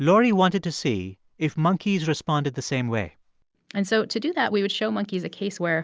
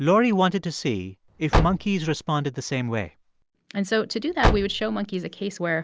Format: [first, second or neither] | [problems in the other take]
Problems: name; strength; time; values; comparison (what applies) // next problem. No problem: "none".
first | background sound (Car); 2 dB below the speech